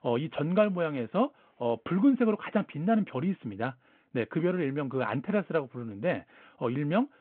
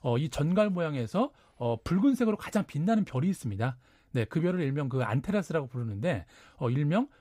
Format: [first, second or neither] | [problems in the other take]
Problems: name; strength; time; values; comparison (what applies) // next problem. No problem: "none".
second | phone-call audio